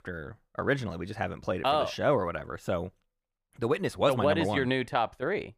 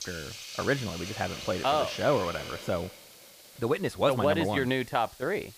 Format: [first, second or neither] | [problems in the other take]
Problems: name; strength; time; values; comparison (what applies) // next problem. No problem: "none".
first | hiss; noticeable; throughout; 10 dB below the speech